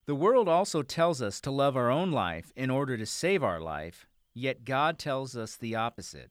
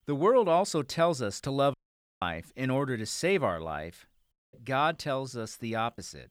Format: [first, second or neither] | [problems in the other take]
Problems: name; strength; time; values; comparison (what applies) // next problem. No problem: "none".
first | audio cutting out; at 1.5 s and at 4.5 s